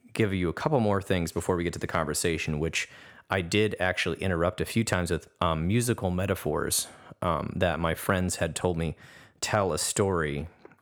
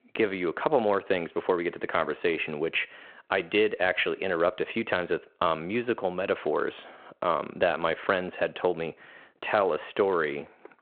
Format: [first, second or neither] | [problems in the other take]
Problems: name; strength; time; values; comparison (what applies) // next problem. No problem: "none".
first | phone-call audio